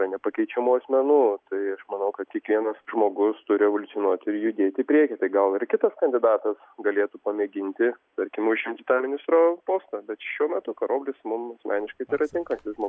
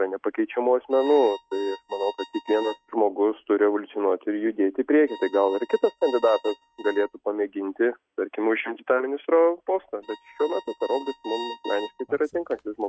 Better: first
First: none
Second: noise reduction (neural mask model RNNoise)

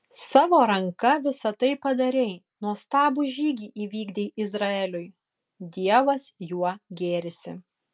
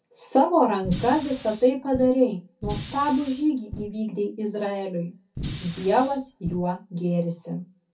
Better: first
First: none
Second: background sound (Fire); 12 dB below the speech // room echo; dies away in 0.3 s

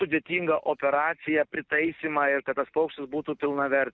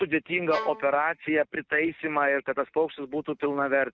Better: first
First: none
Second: noise reduction (neural mask model RNNoise)

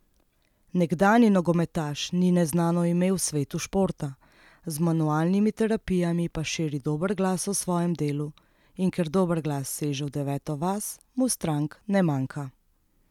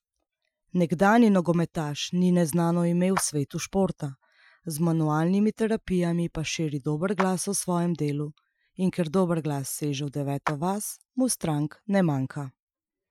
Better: first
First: none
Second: noise reduction (classical method Wiener filter)

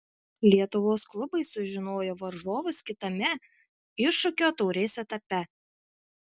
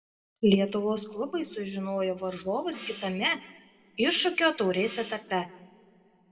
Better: first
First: none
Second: background sound (Gong); 19 dB below the speech // room echo; dies away in 1.6 s

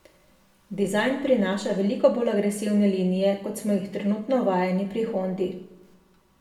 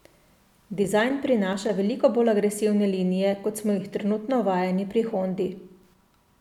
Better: second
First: room echo; dies away in 0.6 s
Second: none

